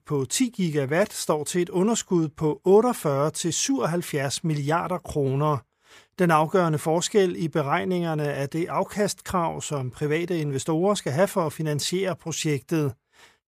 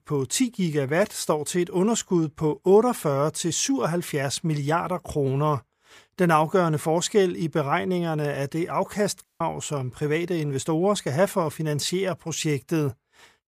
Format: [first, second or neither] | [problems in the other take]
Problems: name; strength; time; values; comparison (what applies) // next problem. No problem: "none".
first | audio cutting out; at 9 s